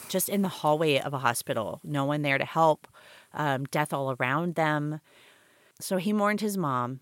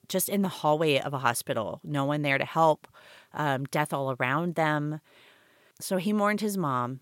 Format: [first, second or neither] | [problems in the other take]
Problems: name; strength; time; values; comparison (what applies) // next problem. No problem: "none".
second | hiss; faint; throughout; 30 dB below the speech